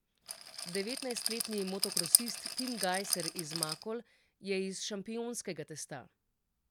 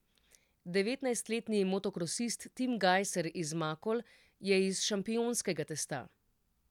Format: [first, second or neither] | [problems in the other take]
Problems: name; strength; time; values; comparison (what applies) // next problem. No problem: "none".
second | background sound (Rattle); 4 dB above the speech